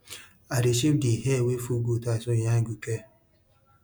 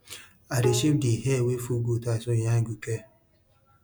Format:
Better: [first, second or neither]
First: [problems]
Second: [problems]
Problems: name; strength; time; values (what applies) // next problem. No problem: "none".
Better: first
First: none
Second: background sound (Bowed string instrument); 13 dB below the speech